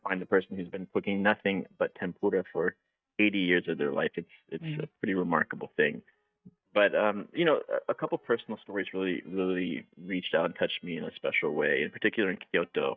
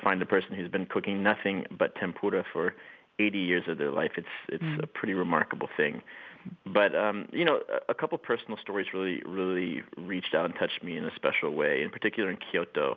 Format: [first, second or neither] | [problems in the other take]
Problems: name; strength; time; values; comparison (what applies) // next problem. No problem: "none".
second | noise reduction (neural mask model DeepFilterNet 3)